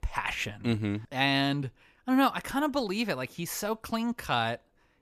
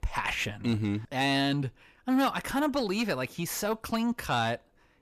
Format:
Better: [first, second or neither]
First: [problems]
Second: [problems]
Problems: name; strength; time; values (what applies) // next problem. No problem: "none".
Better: first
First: none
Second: distortion; slight; 10 dB below the speech